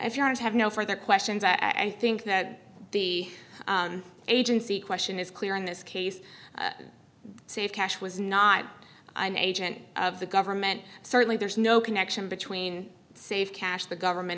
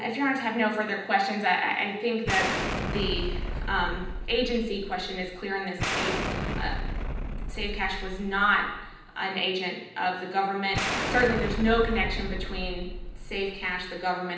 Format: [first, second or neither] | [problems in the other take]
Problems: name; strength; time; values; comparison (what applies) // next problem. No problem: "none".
first | background sound (Explosion); 3 dB below the speech // room echo; dies away in 0.9 s